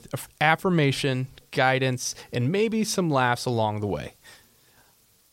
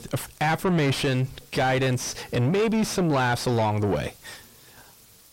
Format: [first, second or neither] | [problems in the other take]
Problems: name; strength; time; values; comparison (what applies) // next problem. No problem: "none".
first | distortion; heavy; 5 dB below the speech